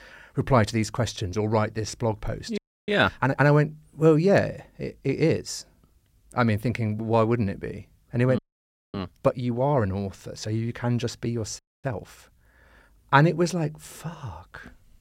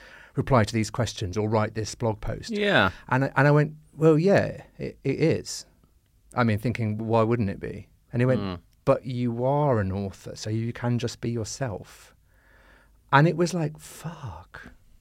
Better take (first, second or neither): second